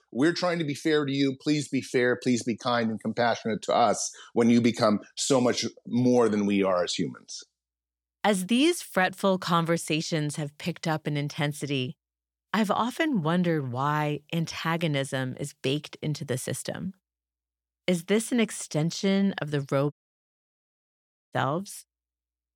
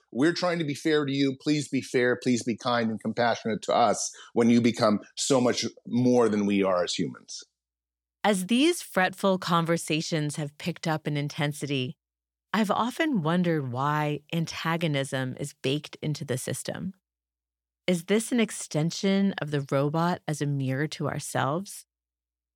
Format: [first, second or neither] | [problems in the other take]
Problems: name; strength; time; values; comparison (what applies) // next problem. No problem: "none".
second | audio cutting out; at 20 s for 1.5 s